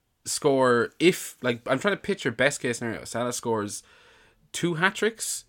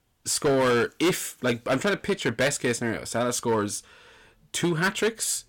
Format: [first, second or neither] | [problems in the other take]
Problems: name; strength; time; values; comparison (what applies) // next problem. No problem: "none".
first | distortion; heavy; 9% of the sound clipped